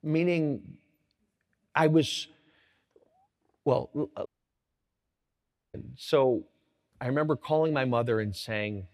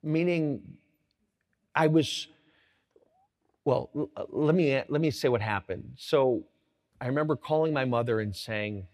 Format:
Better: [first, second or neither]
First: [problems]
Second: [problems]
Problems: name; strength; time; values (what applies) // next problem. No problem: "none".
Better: second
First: audio cutting out; at 4.5 s for 1.5 s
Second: none